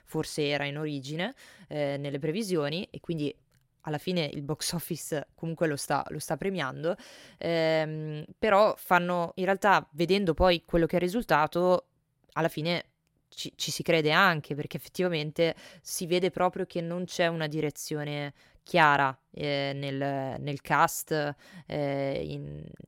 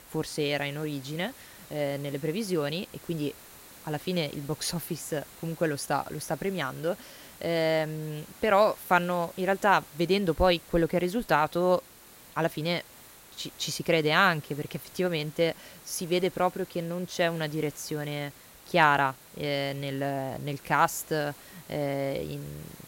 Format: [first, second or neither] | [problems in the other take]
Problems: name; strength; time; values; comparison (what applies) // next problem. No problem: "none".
first | hiss; noticeable; throughout; 20 dB below the speech